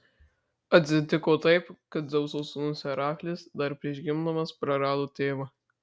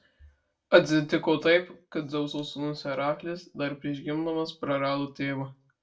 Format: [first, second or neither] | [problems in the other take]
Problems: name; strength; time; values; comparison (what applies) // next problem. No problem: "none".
first | room echo; dies away in 0.2 s